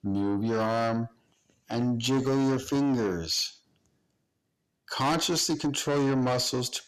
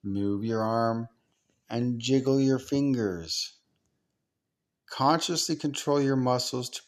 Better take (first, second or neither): second